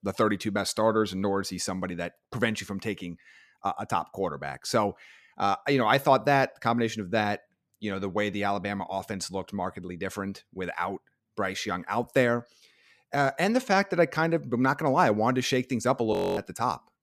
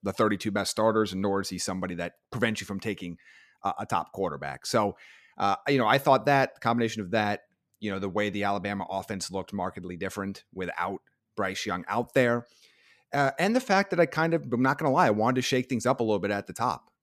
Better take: second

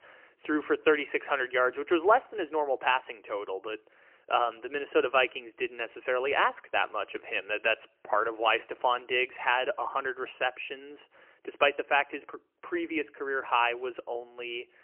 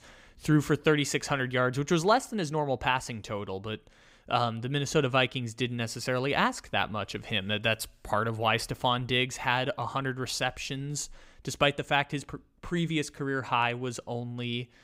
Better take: second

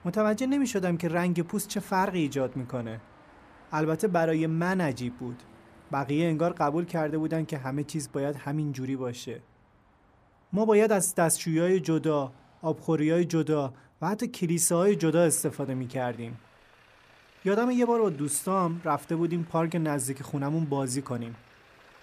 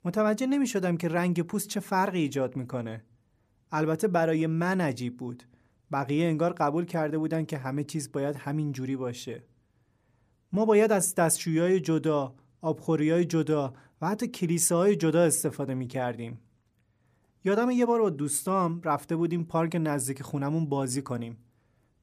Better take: second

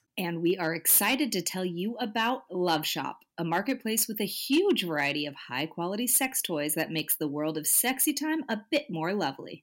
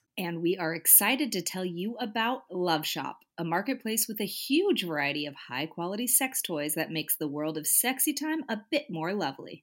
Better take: second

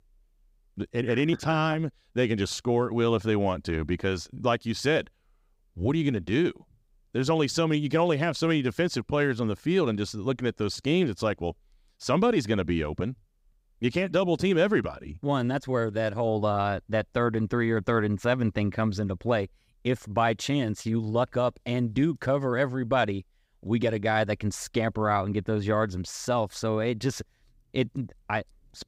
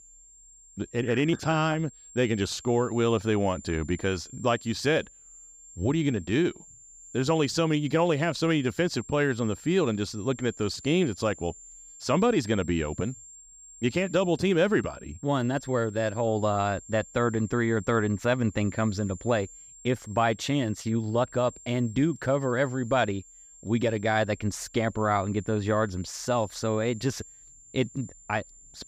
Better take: first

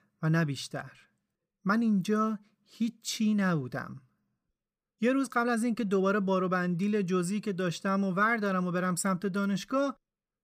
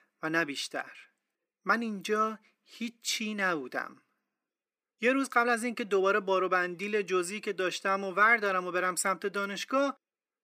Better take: first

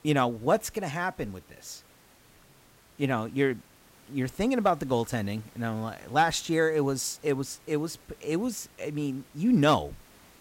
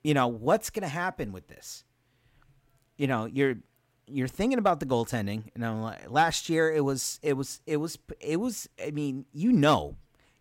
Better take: second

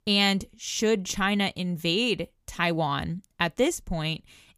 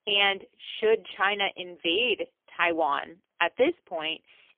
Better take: first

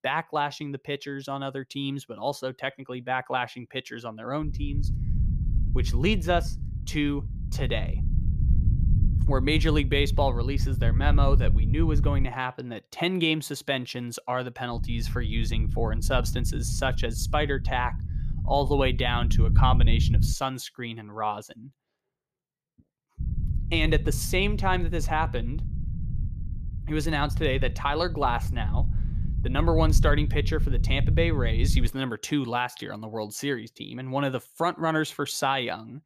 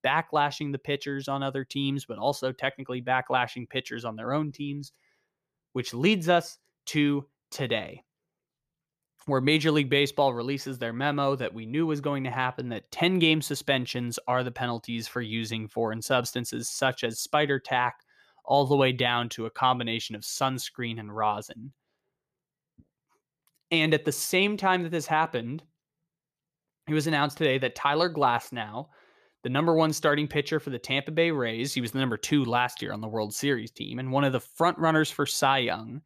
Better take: second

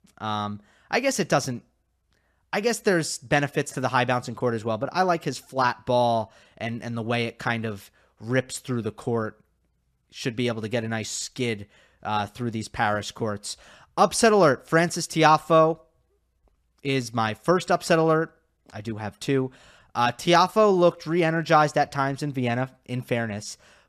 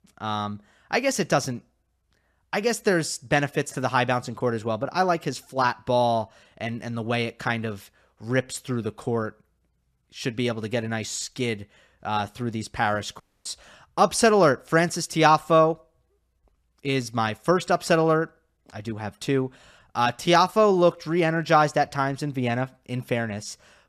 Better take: first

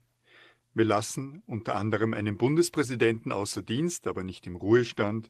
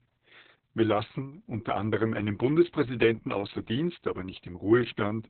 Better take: first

